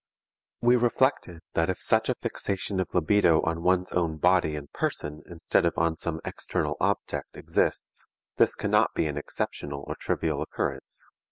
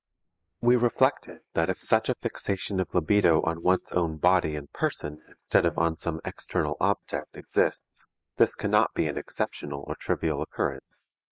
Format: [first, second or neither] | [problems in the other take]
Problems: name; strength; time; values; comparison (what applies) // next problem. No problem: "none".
first | noise reduction (neural mask model Resemble Enhance denoiser)